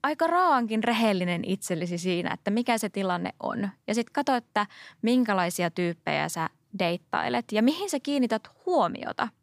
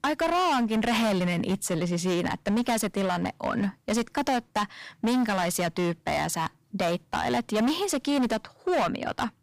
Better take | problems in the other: first | distortion; heavy; 17% of the sound clipped

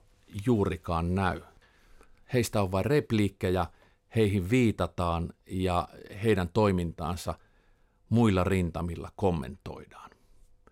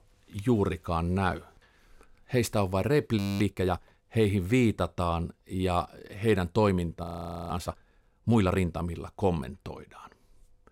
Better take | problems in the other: first | audio freezing; at 3 s and at 7 s

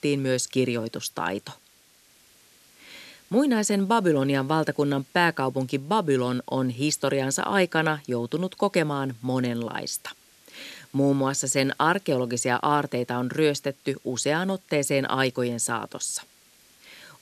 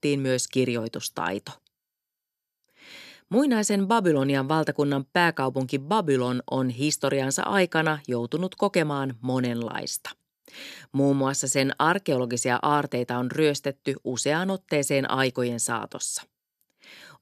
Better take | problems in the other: second | hiss; faint; throughout; 30 dB below the speech

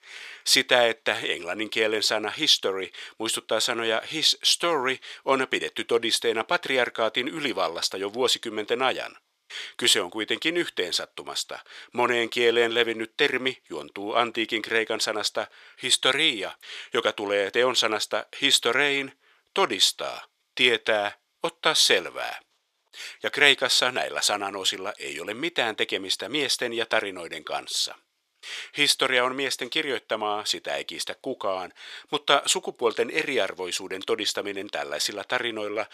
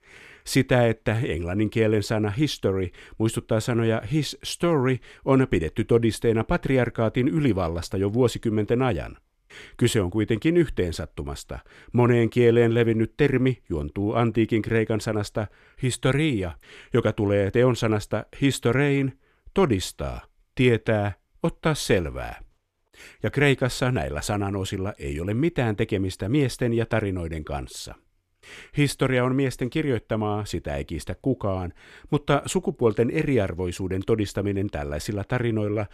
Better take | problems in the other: second | thin; very; fading below 650 Hz

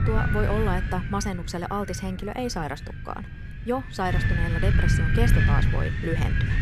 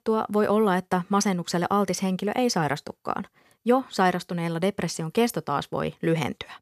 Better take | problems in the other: second | wind noise on the microphone; heavy; as loud as the speech

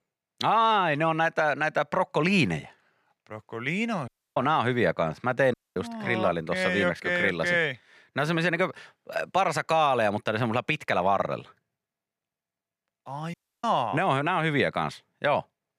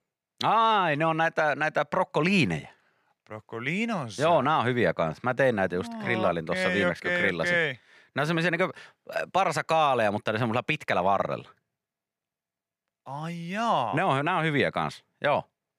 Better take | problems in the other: second | audio cutting out; at 4 s, at 5.5 s and at 13 s

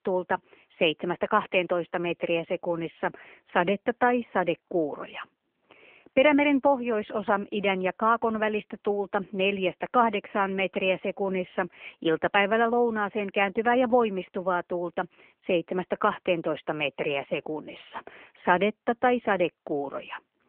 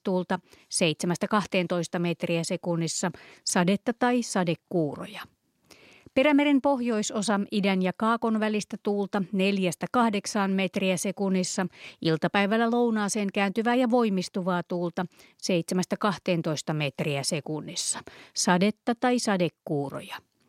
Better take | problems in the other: second | phone-call audio; nothing above 3 kHz

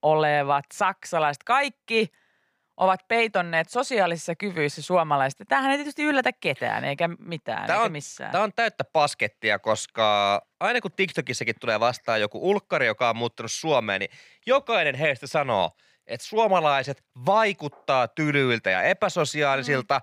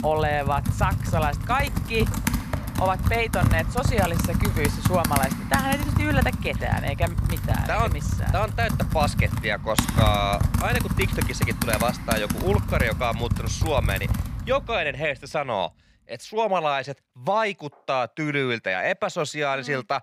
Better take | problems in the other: first | household noises; very loud; until 14 s; as loud as the speech

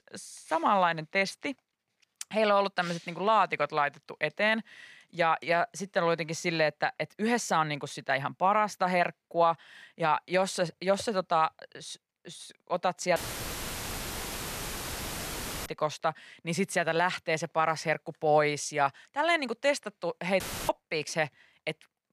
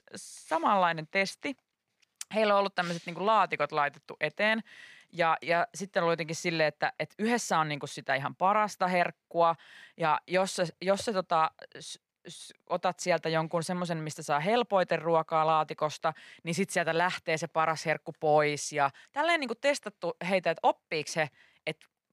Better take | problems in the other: second | audio cutting out; filled with static; at 13 s for 2.5 s and at 20 s

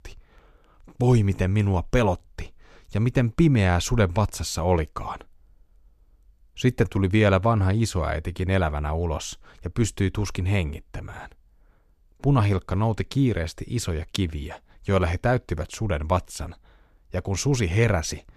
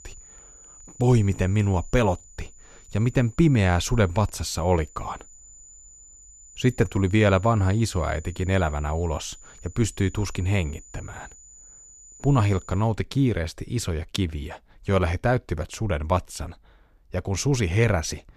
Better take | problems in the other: first | high-pitched whine; faint; until 13 s; 7 kHz, 25 dB below the speech

